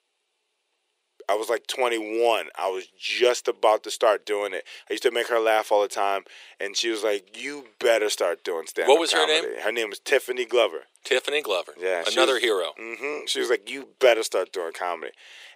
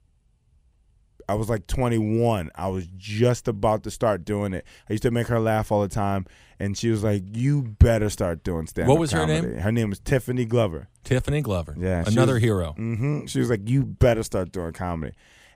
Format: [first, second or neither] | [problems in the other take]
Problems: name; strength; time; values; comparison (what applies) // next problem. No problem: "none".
second | thin; very; fading below 400 Hz